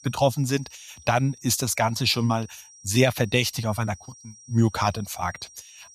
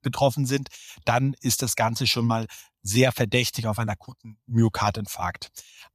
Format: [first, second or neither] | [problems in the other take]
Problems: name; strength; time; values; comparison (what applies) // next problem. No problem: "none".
second | high-pitched whine; faint; throughout; 5.5 kHz, 25 dB below the speech